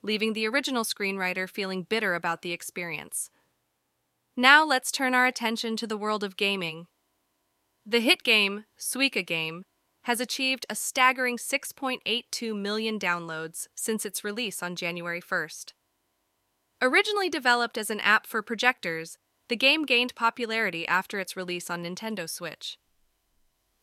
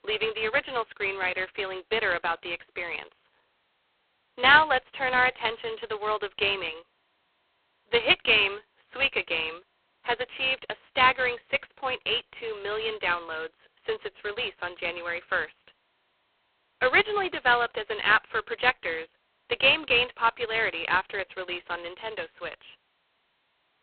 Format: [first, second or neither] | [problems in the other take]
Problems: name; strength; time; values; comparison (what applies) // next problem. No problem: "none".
first | phone-call audio; poor line